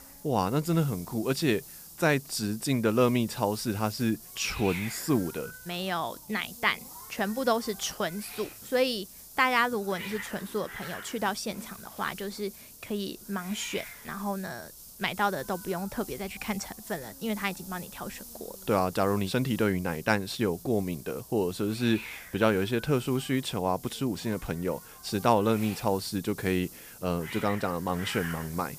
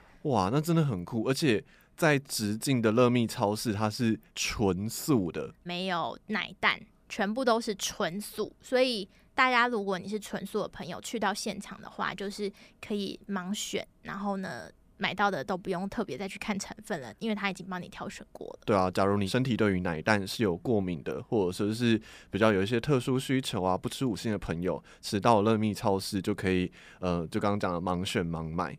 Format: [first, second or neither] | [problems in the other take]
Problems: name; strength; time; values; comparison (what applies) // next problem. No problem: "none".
second | hiss; noticeable; throughout; 15 dB below the speech